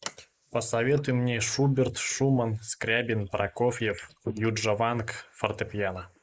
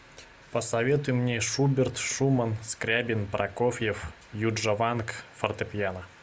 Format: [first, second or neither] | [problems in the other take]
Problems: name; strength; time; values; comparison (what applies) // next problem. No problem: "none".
second | noise reduction (neural mask model Resemble Enhance denoiser)